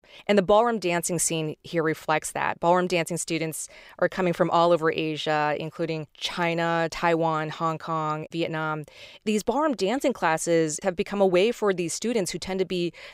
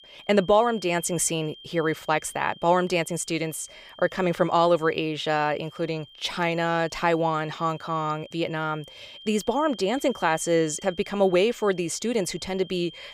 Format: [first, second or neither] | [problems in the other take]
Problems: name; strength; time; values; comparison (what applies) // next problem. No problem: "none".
first | high-pitched whine; faint; throughout; 3 kHz, 20 dB below the speech